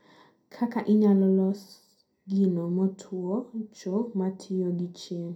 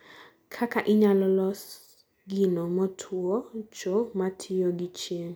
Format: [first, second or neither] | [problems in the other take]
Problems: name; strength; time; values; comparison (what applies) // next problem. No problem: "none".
second | room echo; dies away in 0.2 s